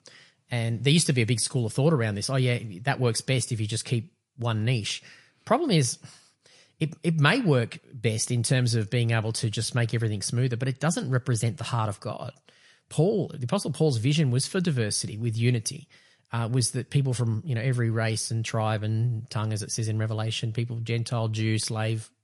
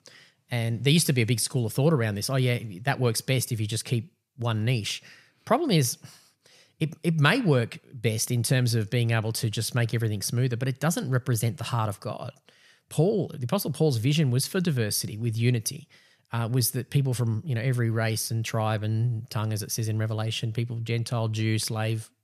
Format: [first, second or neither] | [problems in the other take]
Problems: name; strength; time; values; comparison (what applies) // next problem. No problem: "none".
second | garbled, watery; slightly; nothing above 11 kHz